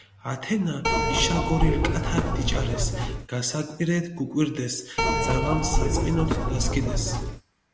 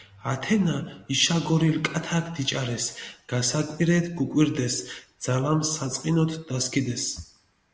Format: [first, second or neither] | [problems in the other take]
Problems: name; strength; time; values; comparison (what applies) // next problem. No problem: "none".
second | background sound (Keyboard (musical)); 4 dB above the speech